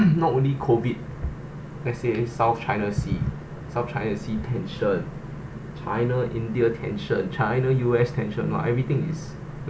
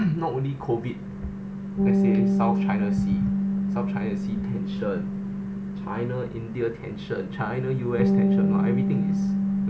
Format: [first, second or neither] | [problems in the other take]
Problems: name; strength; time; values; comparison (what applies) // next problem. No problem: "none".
first | background sound (Bass guitar); 4 dB above the speech